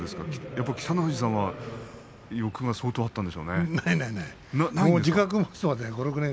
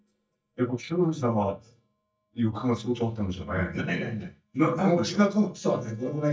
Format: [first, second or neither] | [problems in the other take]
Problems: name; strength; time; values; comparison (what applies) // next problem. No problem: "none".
first | noise reduction (neural mask model DeepFilterNet 3)